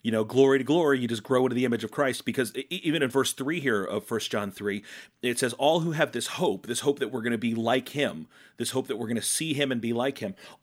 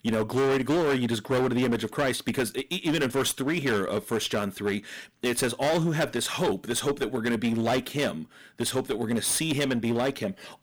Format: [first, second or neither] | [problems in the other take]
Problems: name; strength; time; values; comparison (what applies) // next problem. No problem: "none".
first | distortion; heavy; 16% of the sound clipped